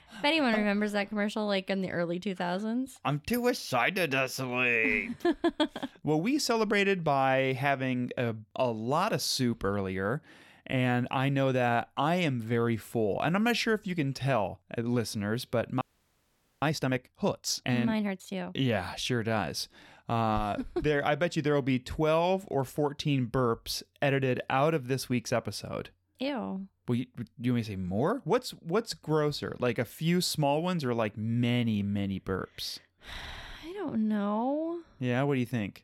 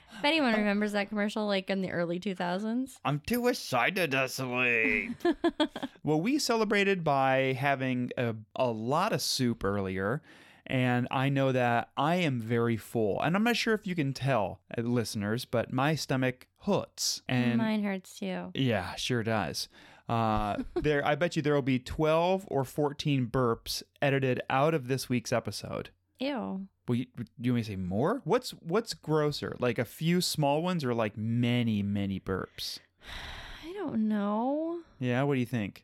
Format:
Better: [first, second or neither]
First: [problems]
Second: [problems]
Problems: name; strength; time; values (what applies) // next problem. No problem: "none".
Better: second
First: audio freezing; at 16 s for 1 s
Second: none